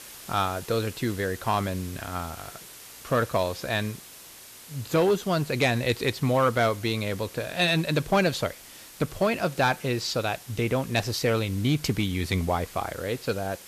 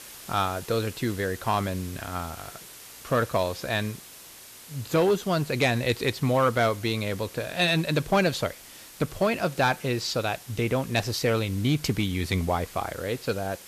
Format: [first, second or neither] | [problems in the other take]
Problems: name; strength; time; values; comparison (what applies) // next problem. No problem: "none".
neither | hiss; noticeable; throughout; 15 dB below the speech; the same in both